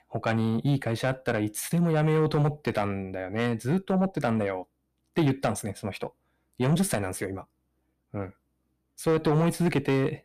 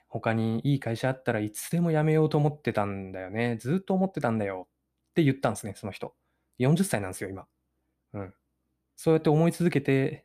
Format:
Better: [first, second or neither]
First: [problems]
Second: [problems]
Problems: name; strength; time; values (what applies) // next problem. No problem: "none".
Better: second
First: distortion; slight; 10 dB below the speech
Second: none